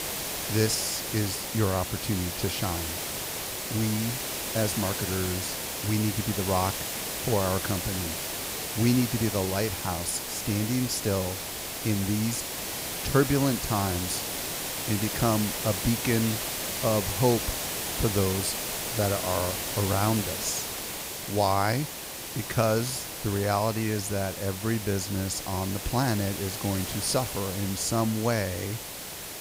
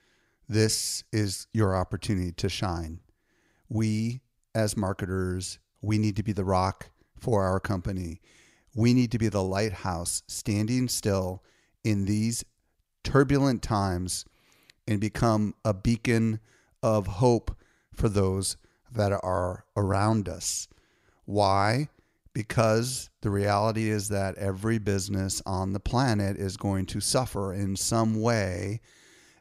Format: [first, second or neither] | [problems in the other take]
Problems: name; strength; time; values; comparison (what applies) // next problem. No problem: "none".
second | hiss; loud; throughout; 3 dB below the speech